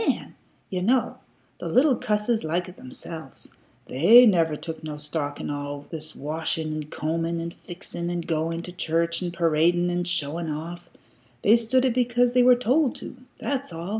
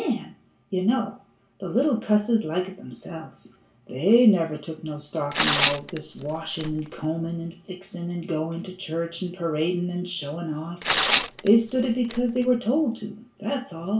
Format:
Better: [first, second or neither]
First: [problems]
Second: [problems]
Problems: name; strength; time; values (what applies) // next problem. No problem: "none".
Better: first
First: none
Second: background sound (Tearing); 3 dB below the speech // room echo; dies away in 0.2 s